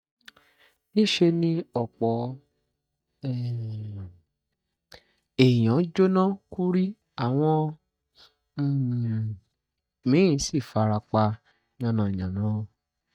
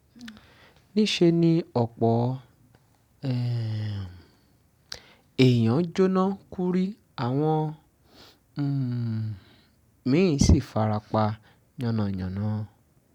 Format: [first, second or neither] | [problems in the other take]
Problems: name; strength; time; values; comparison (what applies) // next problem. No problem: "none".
second | noise reduction (neural mask model DeepFilterNet 3)